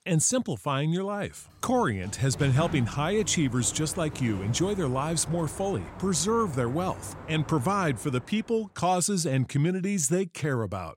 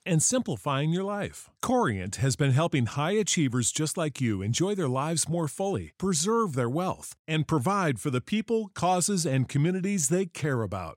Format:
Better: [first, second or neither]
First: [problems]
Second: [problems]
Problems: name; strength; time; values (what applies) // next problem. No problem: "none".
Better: second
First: door banging; noticeable; from 1.5 to 8.5 s; peak 7 dB below the speech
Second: none